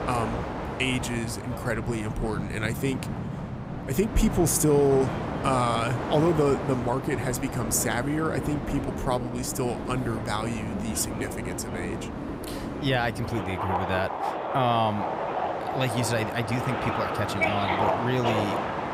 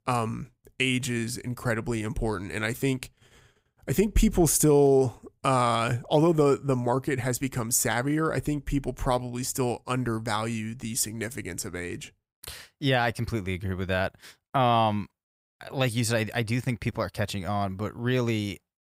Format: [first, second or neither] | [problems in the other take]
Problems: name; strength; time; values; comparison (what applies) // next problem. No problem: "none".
second | train or aircraft noise; loud; throughout; 4 dB below the speech